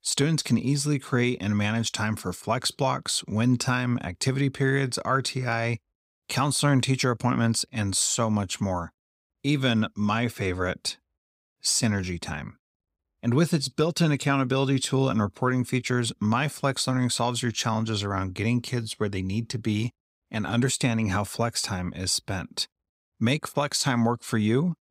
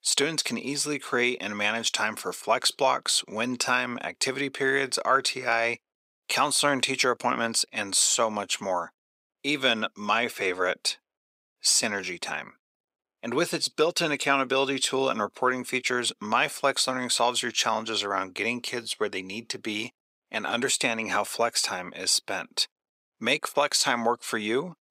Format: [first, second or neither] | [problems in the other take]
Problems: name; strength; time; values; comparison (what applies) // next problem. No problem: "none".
first | thin; somewhat; fading below 500 Hz